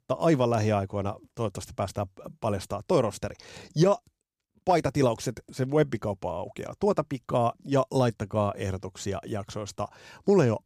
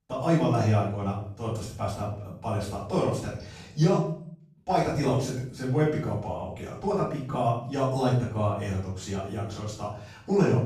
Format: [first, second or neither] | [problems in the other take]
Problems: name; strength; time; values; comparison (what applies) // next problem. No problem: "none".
first | off-mic speech; far // room echo; noticeable; dies away in 0.6 s